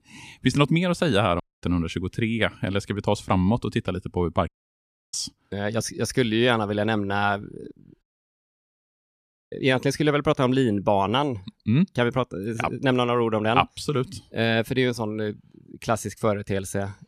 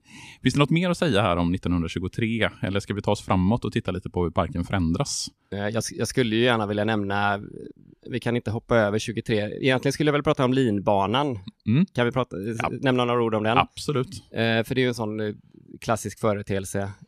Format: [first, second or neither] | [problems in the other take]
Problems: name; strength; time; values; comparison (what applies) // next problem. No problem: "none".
second | audio cutting out; at 1.5 s, at 4.5 s for 0.5 s and at 8 s for 1.5 s